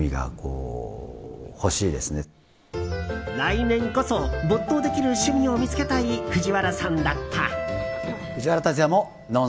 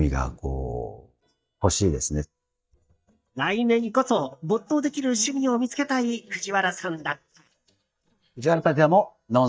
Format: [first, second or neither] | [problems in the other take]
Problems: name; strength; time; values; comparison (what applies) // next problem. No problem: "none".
first | noise reduction (neural mask model DeepFilterNet 3)